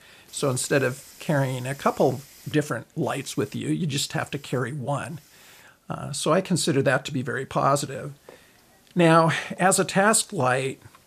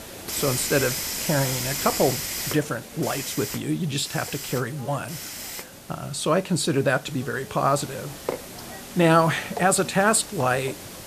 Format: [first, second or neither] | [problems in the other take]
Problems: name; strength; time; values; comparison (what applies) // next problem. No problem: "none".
first | hiss; loud; throughout; 7 dB below the speech; faint in the first